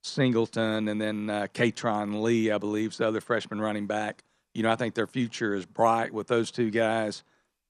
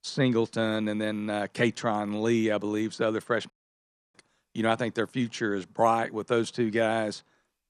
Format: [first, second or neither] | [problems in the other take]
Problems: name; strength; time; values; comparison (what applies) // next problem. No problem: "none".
first | audio cutting out; at 3.5 s for 0.5 s